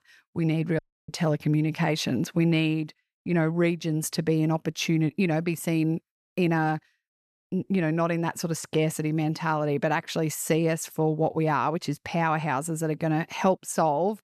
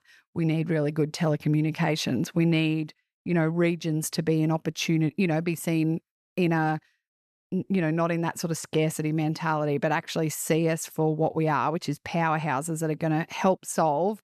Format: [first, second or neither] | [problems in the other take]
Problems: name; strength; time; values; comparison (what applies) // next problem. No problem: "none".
second | audio cutting out; at 1 s